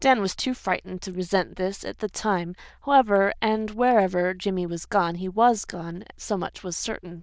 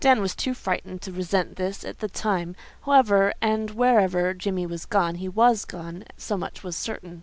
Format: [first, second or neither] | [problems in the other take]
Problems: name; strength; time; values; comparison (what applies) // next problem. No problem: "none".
second | noise reduction (neural diffusion model UNIVERSE++)